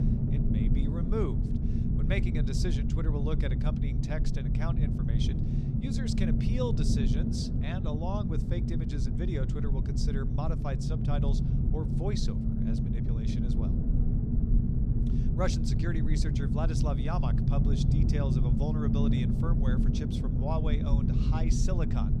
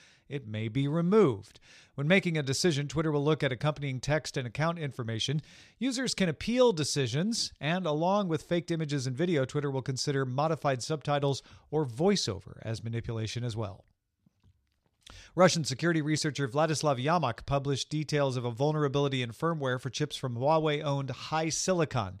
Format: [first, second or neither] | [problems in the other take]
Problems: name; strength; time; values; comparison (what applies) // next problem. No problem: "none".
second | low rumble; loud; throughout; as loud as the speech